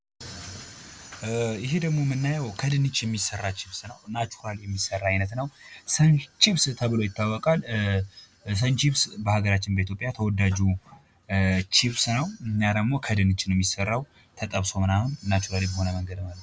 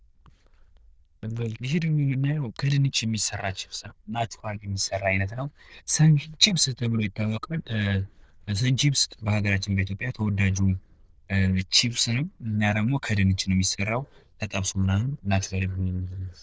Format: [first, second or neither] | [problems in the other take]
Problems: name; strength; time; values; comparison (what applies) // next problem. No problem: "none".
first | noise reduction (neural diffusion model UNIVERSE++)